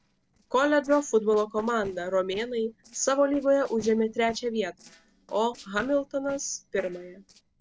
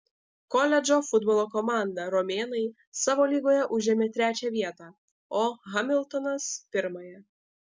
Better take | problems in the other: second | noise reduction (neural separator model SepFormer DNS4)

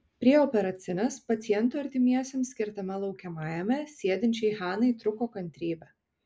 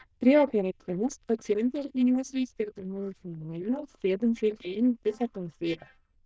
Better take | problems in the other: first | noise reduction (neural diffusion model UNIVERSE++)

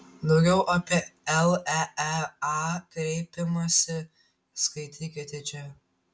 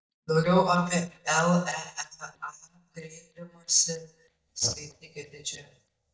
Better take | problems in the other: first | noise reduction (neural mask model DeepFilterNet 3)

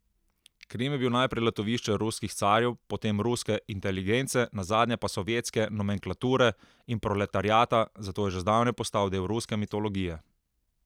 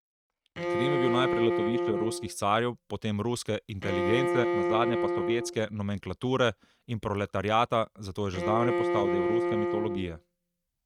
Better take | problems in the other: first | noise reduction (neural mask model RNNoise)

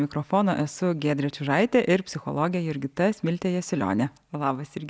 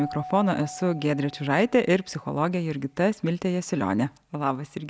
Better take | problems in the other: first | background sound (Keyboard (musical)); 19 dB below the speech

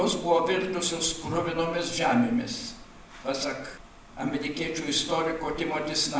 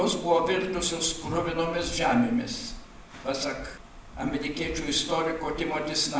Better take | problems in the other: first | background sound (Fireworks); 17 dB below the speech

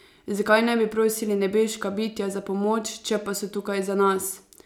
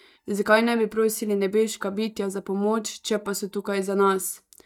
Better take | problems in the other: first | noise reduction (neural mask model DeepFilterNet 3)

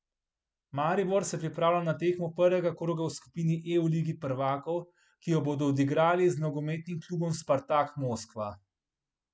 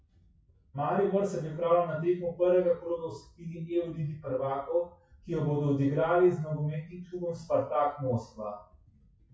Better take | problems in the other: first | noise reduction (classical method WPE with log-MMSE)

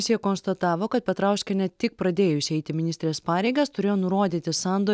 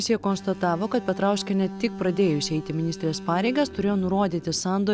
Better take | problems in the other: first | background sound (Alarm); 13 dB below the speech

